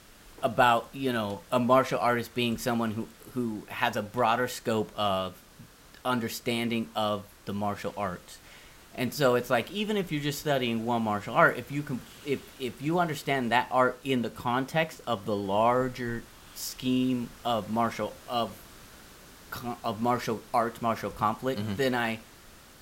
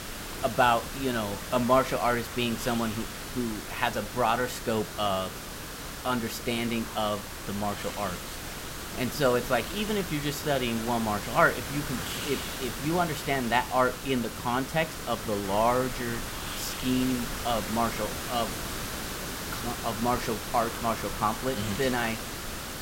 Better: first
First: hiss; faint; throughout; 25 dB below the speech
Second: hiss; loud; throughout; 6 dB below the speech

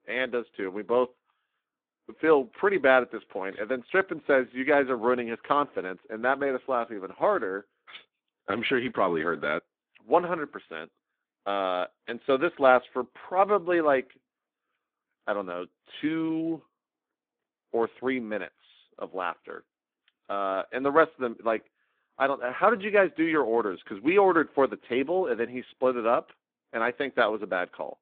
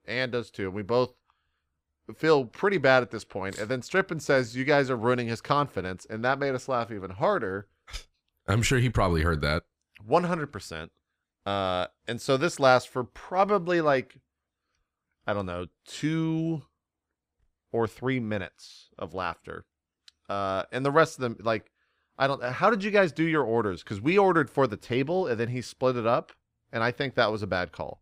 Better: second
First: phone-call audio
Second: none

